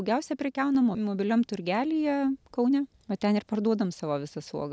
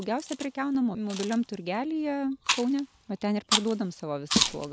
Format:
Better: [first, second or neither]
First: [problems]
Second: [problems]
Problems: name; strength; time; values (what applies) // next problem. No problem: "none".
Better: first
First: none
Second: background sound (Chewing, mastication); 3 dB below the speech